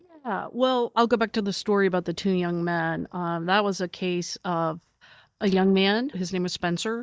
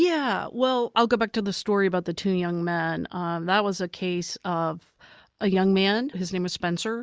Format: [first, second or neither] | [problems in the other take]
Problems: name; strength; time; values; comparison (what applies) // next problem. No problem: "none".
second | noise reduction (neural mask model DeepFilterNet 3)